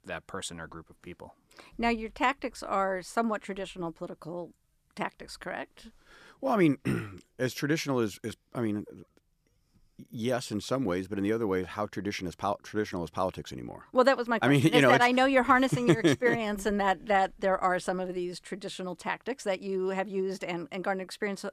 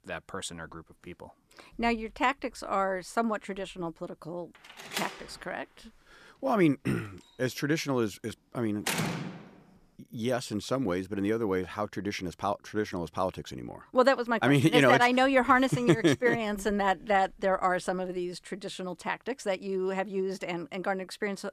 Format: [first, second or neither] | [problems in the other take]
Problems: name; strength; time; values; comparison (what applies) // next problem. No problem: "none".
first | door banging; noticeable; from 4.5 to 9.5 s; peak 1 dB below the speech